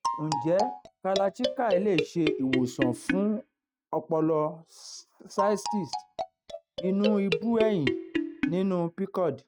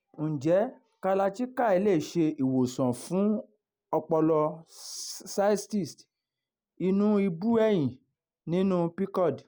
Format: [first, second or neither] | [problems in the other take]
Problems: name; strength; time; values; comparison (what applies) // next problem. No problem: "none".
second | noise reduction (neural mask model RNNoise)